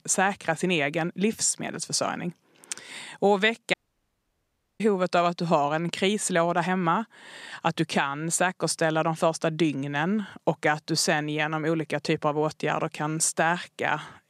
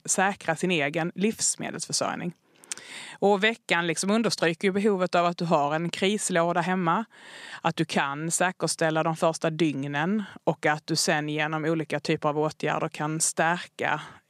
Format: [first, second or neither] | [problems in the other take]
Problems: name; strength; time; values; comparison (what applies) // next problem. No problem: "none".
second | audio cutting out; at 3.5 s for 1 s